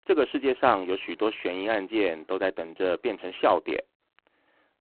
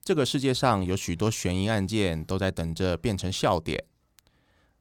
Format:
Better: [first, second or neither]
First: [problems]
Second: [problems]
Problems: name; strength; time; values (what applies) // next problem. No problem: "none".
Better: second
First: phone-call audio; poor line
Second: none